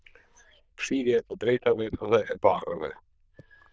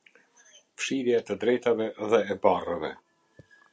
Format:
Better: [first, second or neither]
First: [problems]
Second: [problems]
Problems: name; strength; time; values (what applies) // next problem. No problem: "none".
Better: second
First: noise reduction (neural diffusion model UNIVERSE++)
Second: none